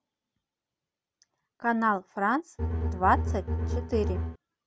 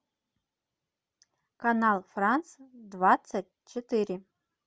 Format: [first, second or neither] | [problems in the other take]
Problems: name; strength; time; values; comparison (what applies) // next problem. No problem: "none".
second | background sound (Bowed string instrument); 1 dB above the speech